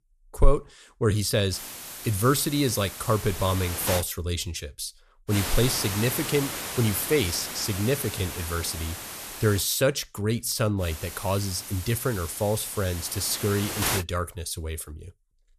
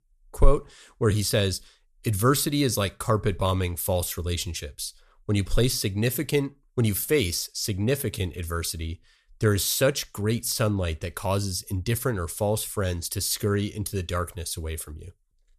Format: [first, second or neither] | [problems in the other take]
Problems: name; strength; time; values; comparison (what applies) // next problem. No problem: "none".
second | hiss; loud; from 1.5 to 4 s, from 5.5 to 9.5 s and from 11 to 14 s; 6 dB below the speech